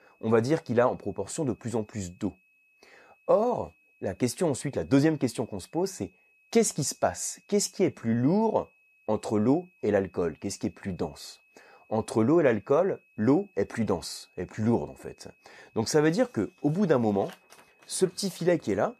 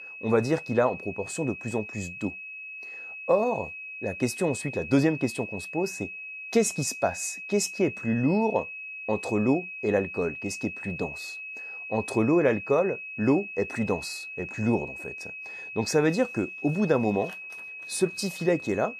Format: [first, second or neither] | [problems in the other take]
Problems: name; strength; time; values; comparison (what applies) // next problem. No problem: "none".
first | high-pitched whine; loud; throughout; 2.5 kHz, 9 dB below the speech; faint in the first